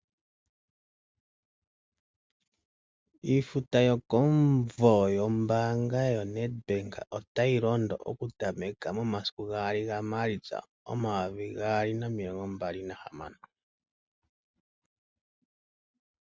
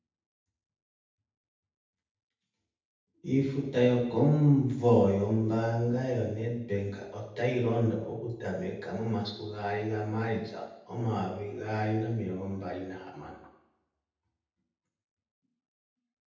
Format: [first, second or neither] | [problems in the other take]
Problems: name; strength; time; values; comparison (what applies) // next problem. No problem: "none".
first | room echo; dies away in 0.8 s